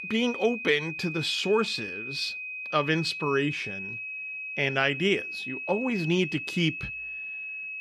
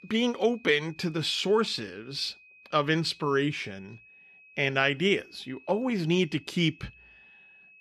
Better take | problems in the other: second | high-pitched whine; loud; throughout; 2.5 kHz, 6 dB below the speech; faint in the second

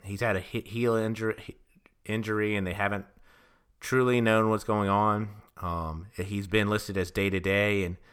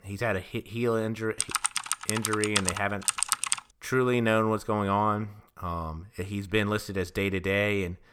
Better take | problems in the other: first | keyboard typing; loud; from 1.5 to 3.5 s; peak 3 dB above the speech

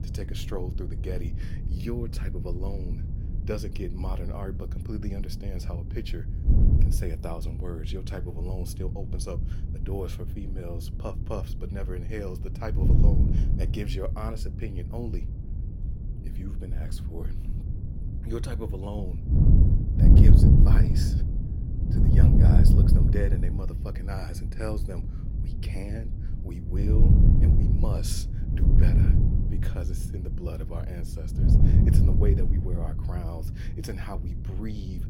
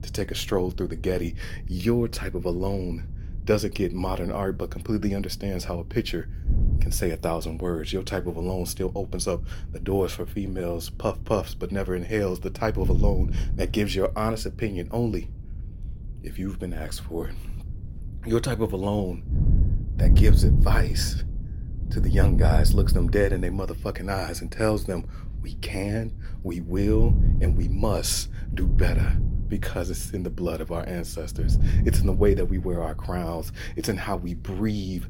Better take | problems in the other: second | wind noise on the microphone; heavy; 1 dB above the speech; occasional gusts in the second

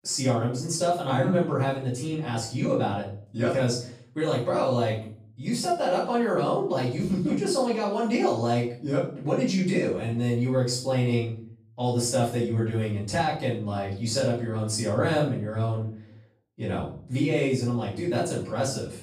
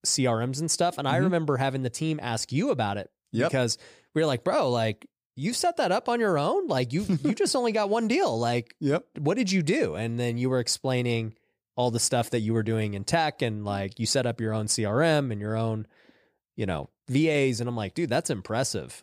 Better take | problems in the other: second | off-mic speech; far // room echo; noticeable; dies away in 0.4 s

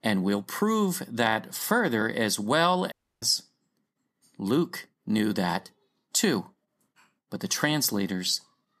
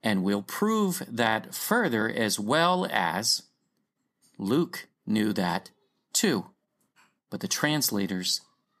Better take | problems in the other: second | audio cutting out; at 3 s

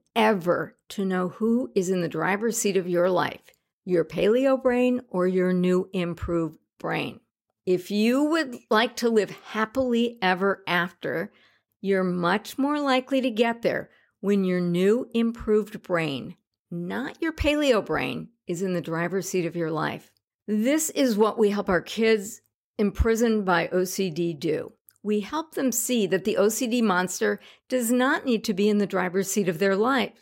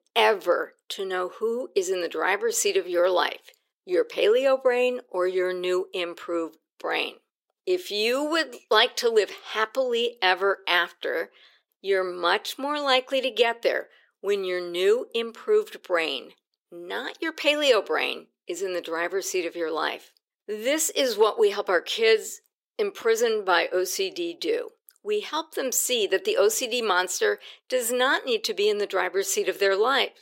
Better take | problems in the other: first | thin; very; fading below 400 Hz

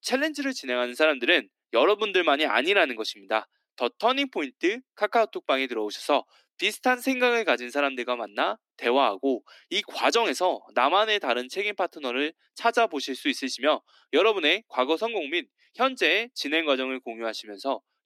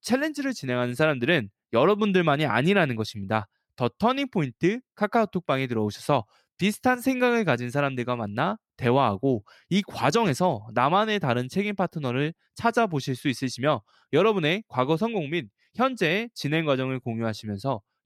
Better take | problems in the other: second | thin; somewhat; fading below 250 Hz

